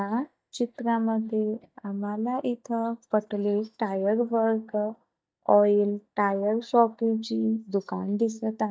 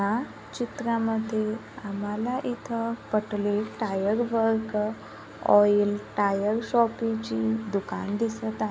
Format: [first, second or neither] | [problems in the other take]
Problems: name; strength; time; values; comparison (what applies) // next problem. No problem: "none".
second | noise reduction (neural mask model DeepFilterNet 3)